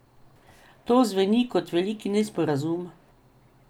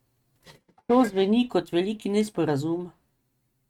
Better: first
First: none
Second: noise reduction (neural mask model RNNoise)

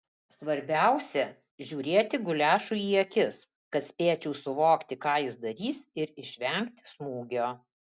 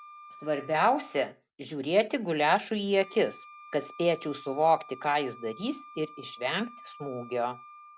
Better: first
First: none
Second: background sound (Wind instrument, woodwind instrument); 20 dB below the speech

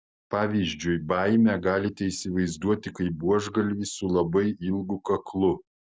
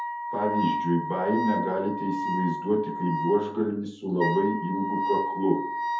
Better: first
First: none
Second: background sound (Wind instrument, woodwind instrument); 3 dB below the speech // room echo; dies away in 0.5 s

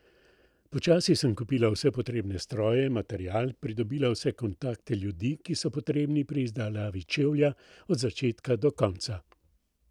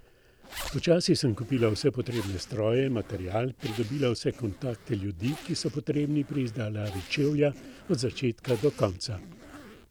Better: first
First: none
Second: background sound (Zipper (clothing)); 17 dB below the speech

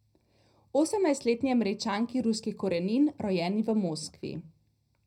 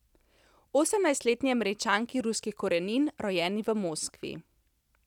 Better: second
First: room echo; dies away in 0.4 s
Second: none

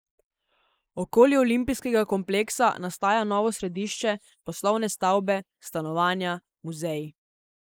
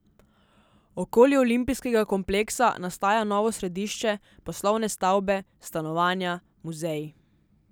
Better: second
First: noise reduction (neural mask model Resemble Enhance denoiser)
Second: none

